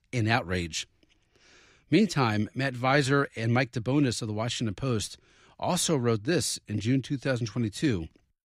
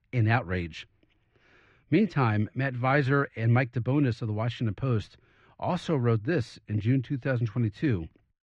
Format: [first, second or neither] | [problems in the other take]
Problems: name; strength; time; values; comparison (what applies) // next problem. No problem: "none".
first | muffled; very; fading above 2 kHz